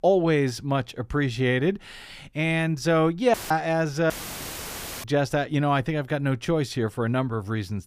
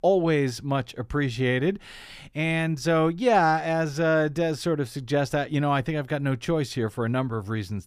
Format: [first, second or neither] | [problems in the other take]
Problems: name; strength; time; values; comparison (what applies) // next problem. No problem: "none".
second | audio cutting out; filled with static; at 3.5 s and at 4 s for 1 s